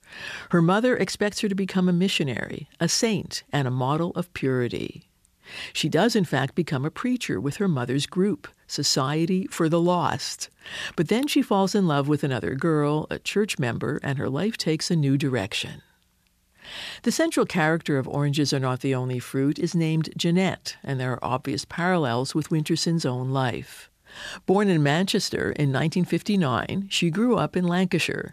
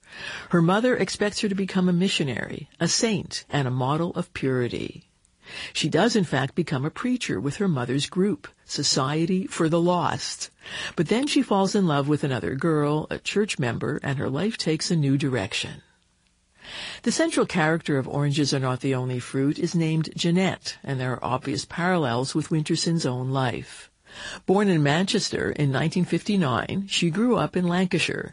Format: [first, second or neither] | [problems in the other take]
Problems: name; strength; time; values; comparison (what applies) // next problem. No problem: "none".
first | garbled, watery; slightly; nothing above 10.5 kHz